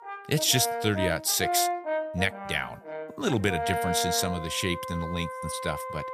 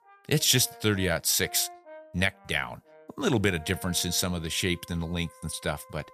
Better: second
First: background music; loud; throughout; 5 dB below the speech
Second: background music; faint; throughout; 25 dB below the speech

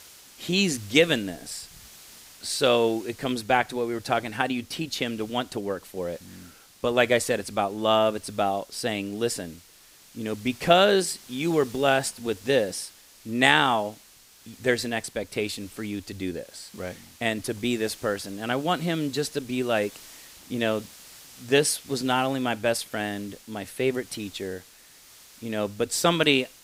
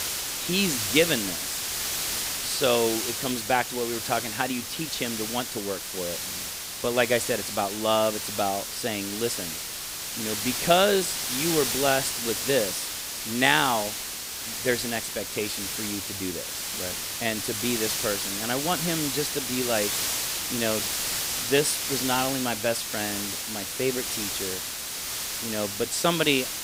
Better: first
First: hiss; faint; throughout; 20 dB below the speech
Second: hiss; loud; throughout; 1 dB below the speech

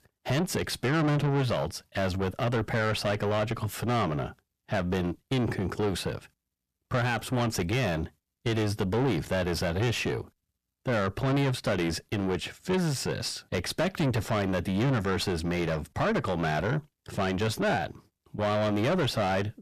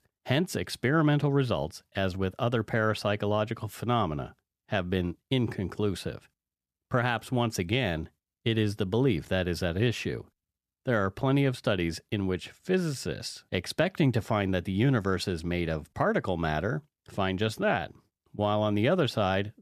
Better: second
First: distortion; heavy; 4 dB below the speech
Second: none

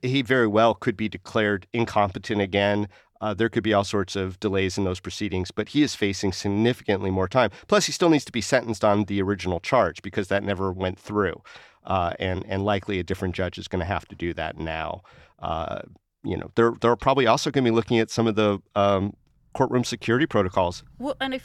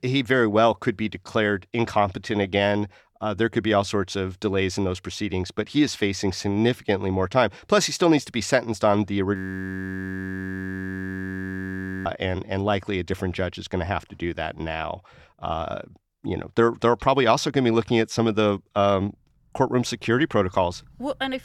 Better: first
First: none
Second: audio freezing; at 9.5 s for 2.5 s

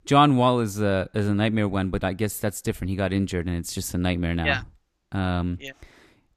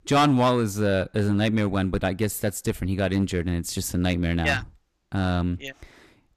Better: first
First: none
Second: distortion; slight; 4% of the sound clipped

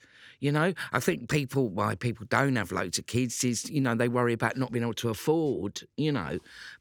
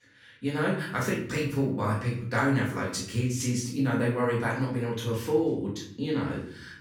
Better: first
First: none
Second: room echo; noticeable; dies away in 0.6 s // off-mic speech; far

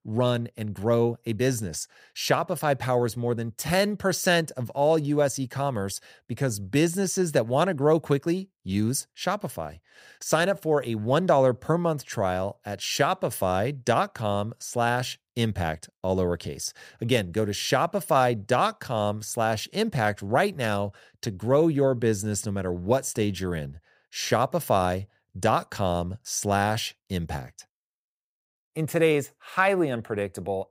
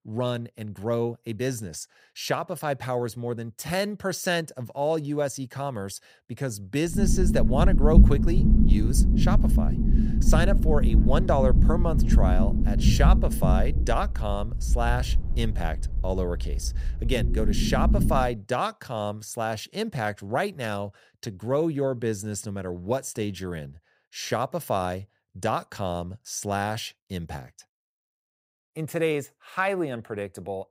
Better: first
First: none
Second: low rumble; loud; from 7 to 18 s; 5 dB below the speech

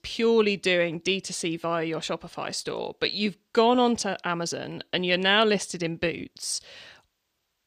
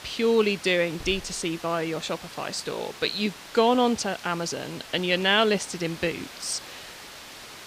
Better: first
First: none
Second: hiss; noticeable; throughout; 15 dB below the speech

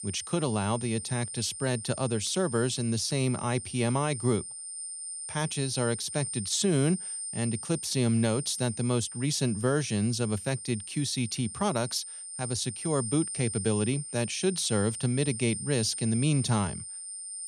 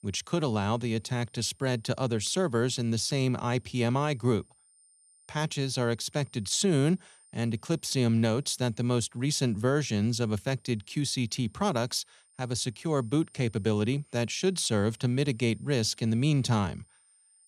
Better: second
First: high-pitched whine; loud; throughout; 9 kHz, 7 dB below the speech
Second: high-pitched whine; faint; throughout; 9 kHz, 30 dB below the speech

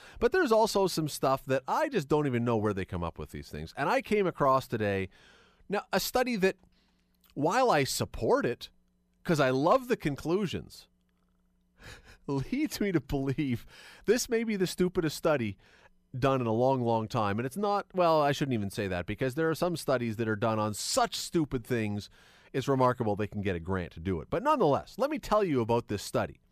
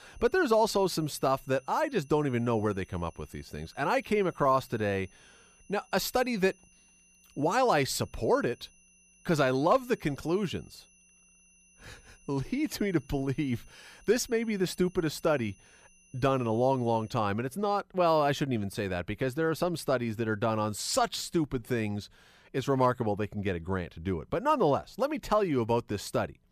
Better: first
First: none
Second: high-pitched whine; faint; until 17 s; 6 kHz, 30 dB below the speech

